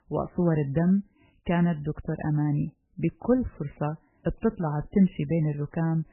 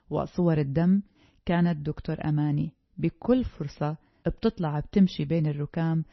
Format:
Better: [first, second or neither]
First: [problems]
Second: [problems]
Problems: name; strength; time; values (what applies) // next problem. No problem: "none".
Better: second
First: garbled, watery; badly; nothing above 3 kHz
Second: garbled, watery; slightly; nothing above 6 kHz